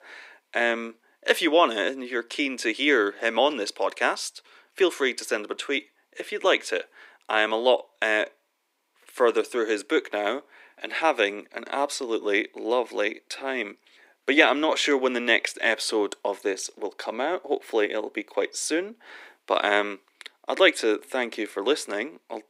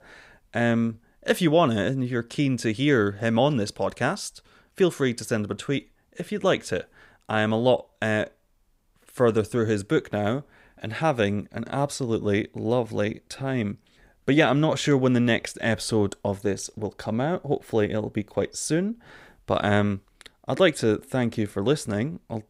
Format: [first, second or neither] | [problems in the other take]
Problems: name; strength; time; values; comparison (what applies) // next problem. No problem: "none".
second | thin; somewhat; fading below 300 Hz